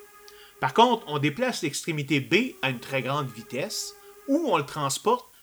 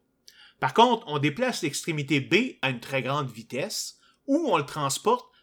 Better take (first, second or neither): second